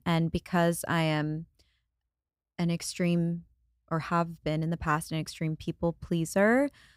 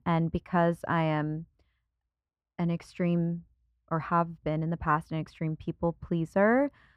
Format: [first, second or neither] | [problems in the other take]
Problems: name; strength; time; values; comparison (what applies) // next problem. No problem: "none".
first | muffled; very; fading above 3.5 kHz